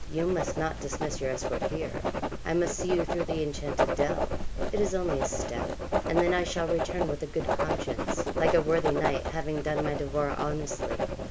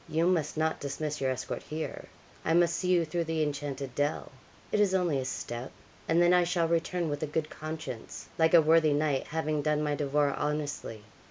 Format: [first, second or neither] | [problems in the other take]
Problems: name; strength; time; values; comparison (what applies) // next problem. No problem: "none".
second | background sound (Writing); as loud as the speech